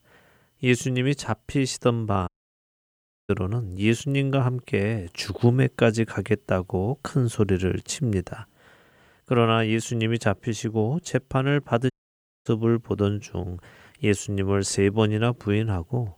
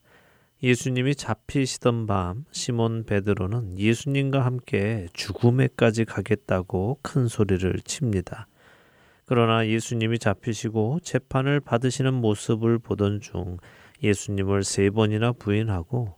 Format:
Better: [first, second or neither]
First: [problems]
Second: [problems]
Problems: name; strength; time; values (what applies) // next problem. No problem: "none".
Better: second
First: audio cutting out; at 2.5 s for 1 s and at 12 s for 0.5 s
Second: none